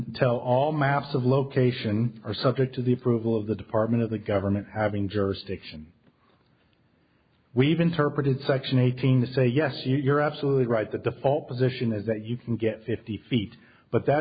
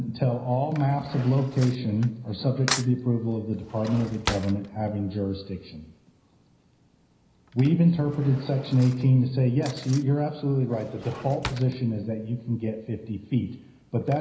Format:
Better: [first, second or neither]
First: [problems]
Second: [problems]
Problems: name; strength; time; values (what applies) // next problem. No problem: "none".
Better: first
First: none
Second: background sound (Cutlery, silverware / Drawer open or close); 15 dB below the speech // room echo; dies away in 0.9 s